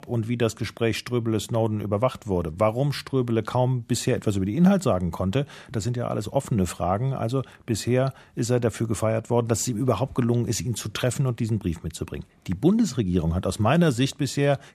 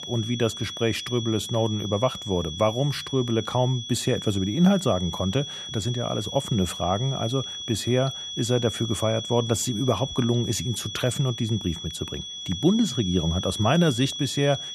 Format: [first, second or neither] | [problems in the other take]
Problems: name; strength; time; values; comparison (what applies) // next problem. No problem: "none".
first | high-pitched whine; loud; throughout; 3.5 kHz, 7 dB below the speech